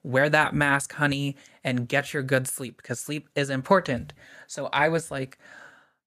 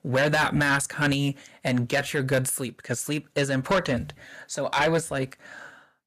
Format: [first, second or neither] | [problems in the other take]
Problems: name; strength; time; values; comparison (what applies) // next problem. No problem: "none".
first | distortion; heavy; 7 dB below the speech